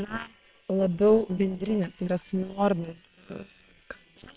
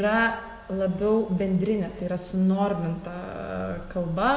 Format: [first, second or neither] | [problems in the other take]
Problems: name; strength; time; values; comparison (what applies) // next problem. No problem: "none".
second | noise reduction (neural separator model SepFormer WHAM!)